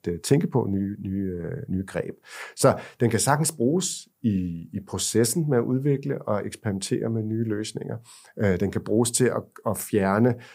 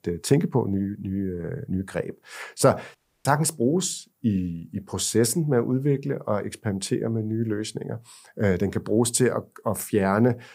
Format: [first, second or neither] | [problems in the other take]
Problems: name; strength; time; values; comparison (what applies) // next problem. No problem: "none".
first | audio cutting out; at 3 s